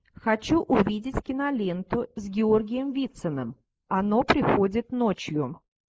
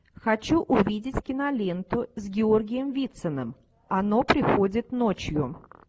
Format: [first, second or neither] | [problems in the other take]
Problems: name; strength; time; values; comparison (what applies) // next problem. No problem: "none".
second | noise reduction (neural mask model Resemble Enhance denoiser)